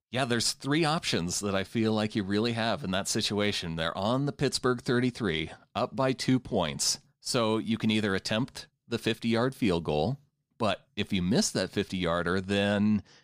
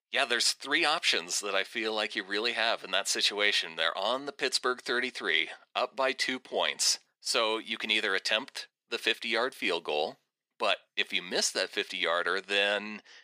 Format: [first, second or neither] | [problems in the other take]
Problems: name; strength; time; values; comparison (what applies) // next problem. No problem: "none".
first | thin; very; fading below 400 Hz